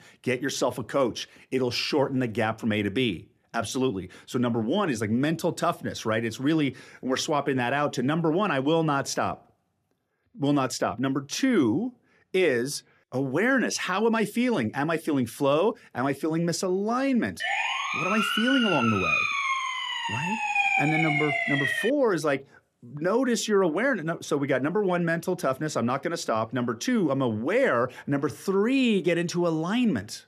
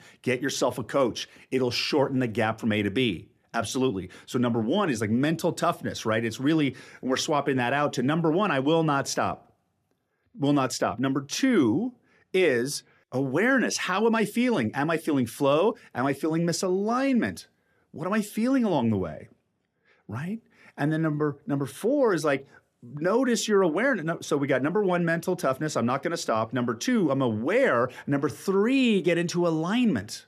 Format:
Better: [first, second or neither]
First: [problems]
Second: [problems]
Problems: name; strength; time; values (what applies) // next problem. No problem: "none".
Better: second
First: siren; loud; from 17 to 22 s; peak 4 dB above the speech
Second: none